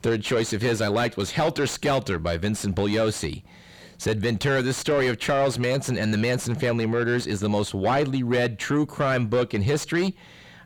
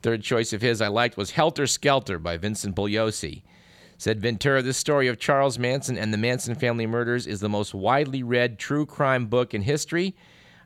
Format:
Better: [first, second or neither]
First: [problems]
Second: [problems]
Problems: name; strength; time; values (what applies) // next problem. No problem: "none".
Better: second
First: distortion; heavy; 7 dB below the speech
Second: none